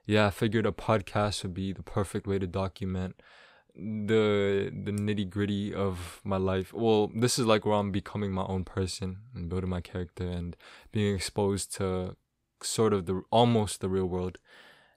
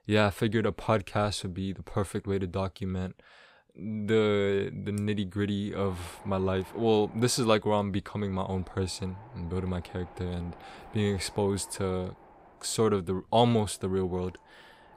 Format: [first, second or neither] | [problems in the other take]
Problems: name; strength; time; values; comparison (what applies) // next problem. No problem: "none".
first | wind noise on the microphone; occasional gusts; from 6 s on; 20 dB below the speech